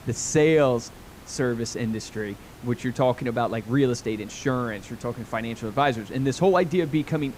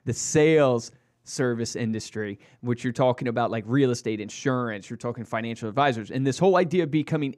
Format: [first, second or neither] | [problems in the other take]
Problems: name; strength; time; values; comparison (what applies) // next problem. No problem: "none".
second | hiss; faint; throughout; 20 dB below the speech